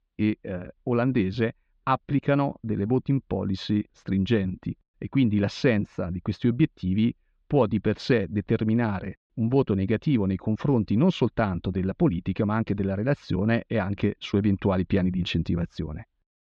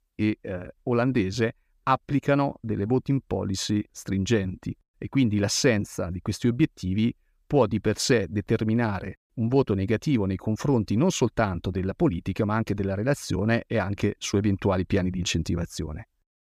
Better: second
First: muffled; slightly; fading above 3.5 kHz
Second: none

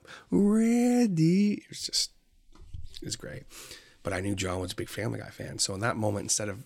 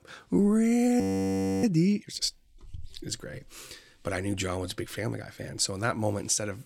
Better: first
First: none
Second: audio freezing; at 1 s for 0.5 s

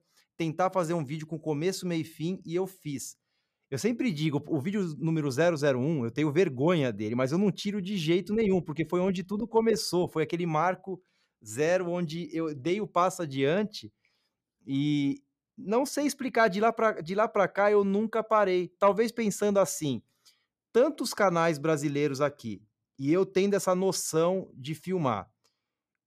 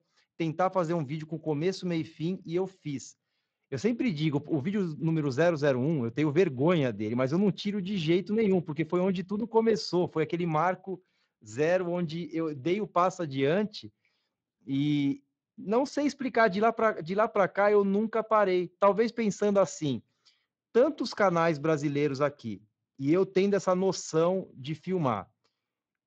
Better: first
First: none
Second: garbled, watery; slightly

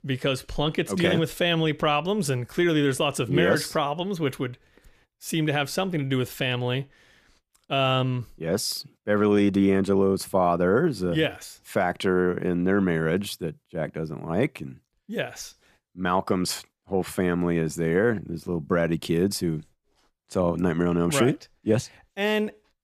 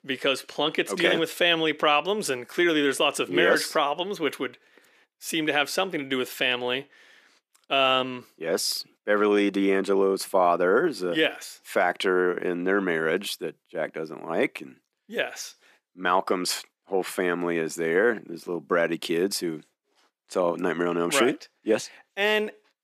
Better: first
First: none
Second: thin; somewhat; fading below 300 Hz

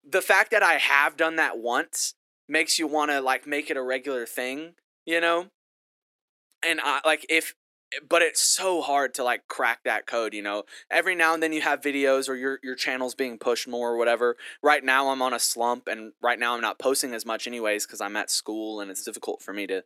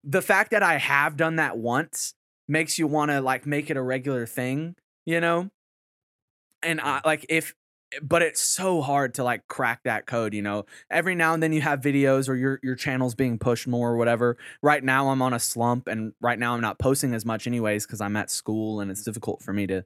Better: second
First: thin; somewhat; fading below 350 Hz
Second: none

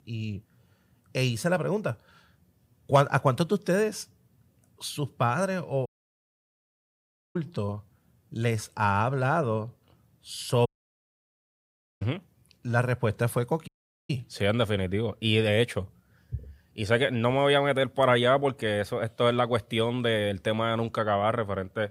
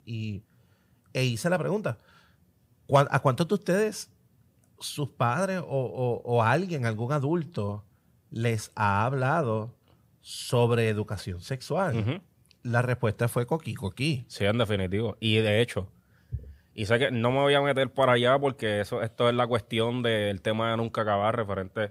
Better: second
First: audio cutting out; at 6 s for 1.5 s, at 11 s for 1.5 s and at 14 s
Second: none

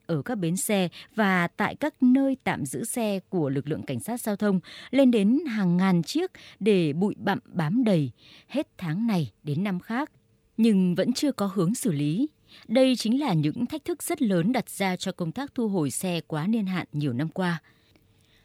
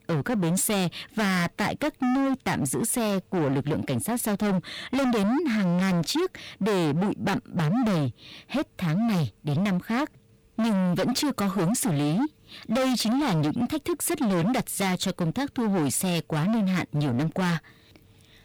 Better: first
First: none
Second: distortion; heavy; 33% of the sound clipped

